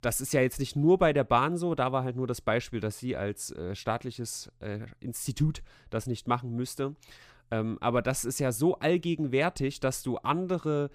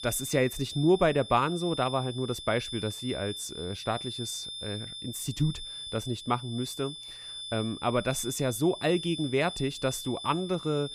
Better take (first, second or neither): first